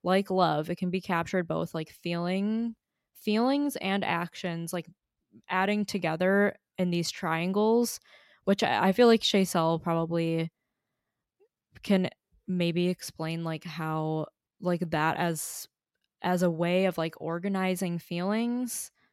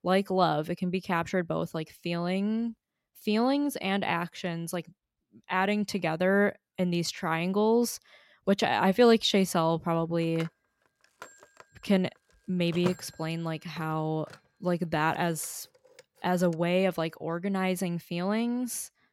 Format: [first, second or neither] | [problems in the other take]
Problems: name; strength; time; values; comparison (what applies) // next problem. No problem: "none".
first | phone ringing; noticeable; from 10 to 14 s; peak 9 dB below the speech